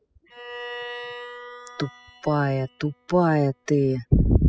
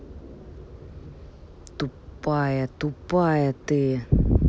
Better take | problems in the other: second | noise reduction (classical method spectral subtraction)

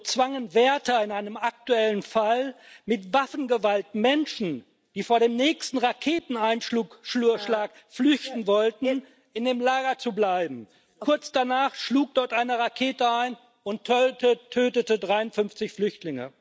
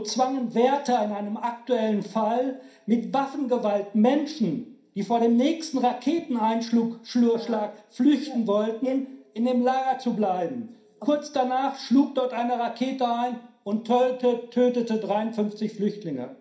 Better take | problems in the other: first | room echo; dies away in 0.5 s

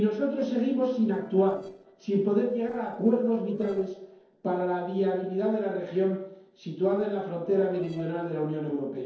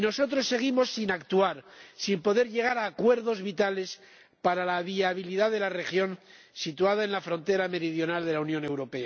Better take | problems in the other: second | noise reduction (neural separator model SepFormer DNS4)

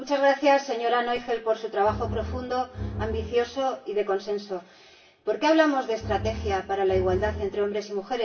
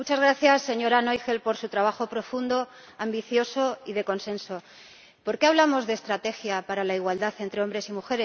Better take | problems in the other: second | background sound (Bowed string instrument); 8 dB below the speech // room echo; dies away in 0.3 s

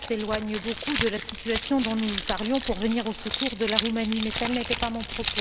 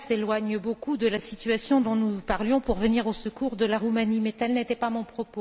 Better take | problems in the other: second | background sound (Keys jangling); 4 dB below the speech

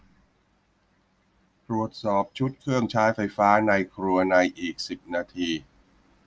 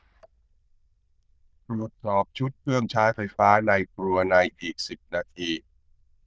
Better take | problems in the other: first | noise reduction (neural diffusion model UNIVERSE++)

